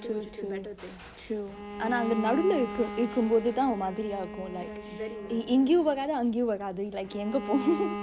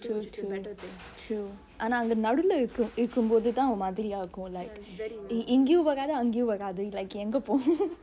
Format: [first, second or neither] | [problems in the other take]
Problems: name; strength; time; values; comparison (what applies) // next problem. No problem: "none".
second | background sound (Bowed string instrument); 10 dB below the speech